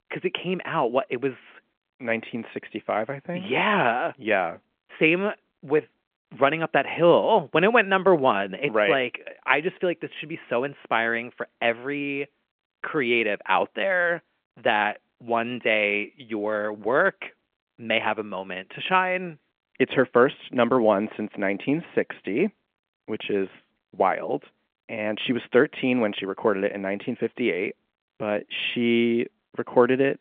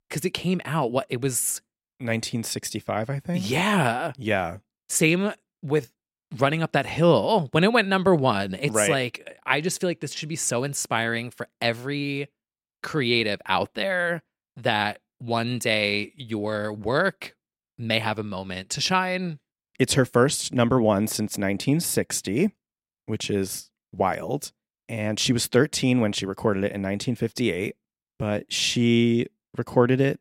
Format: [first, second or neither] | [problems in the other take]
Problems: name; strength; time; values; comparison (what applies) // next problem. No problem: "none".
second | phone-call audio; nothing above 3 kHz